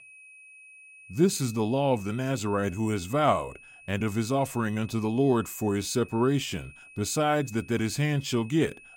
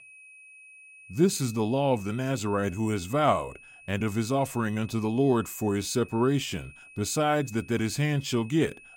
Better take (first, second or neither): neither